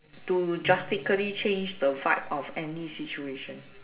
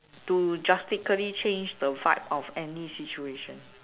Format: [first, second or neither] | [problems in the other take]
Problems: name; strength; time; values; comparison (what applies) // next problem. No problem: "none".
second | background sound (Bowed string instrument); 19 dB below the speech // room echo; dies away in 1.1 s